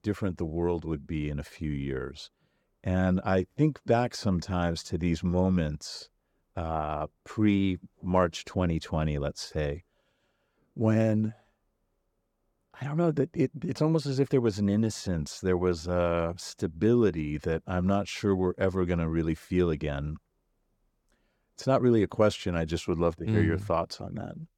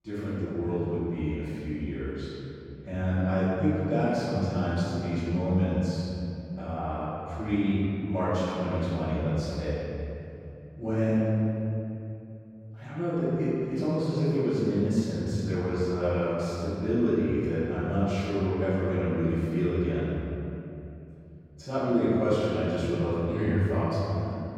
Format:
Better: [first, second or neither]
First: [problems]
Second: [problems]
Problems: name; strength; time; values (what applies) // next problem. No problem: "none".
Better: first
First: none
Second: off-mic speech; far // room echo; strong; dies away in 2.9 s